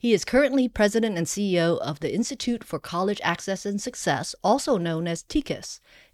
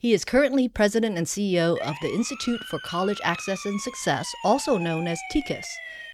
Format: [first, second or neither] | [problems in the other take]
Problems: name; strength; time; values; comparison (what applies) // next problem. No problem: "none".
first | siren; noticeable; from 2 s on; peak 9 dB below the speech